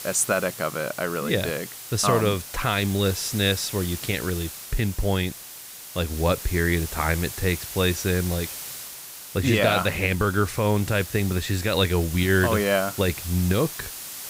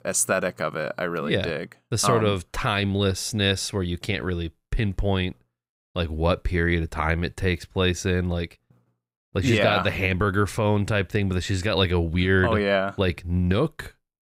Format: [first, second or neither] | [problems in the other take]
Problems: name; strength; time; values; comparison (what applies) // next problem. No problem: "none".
second | hiss; noticeable; throughout; 10 dB below the speech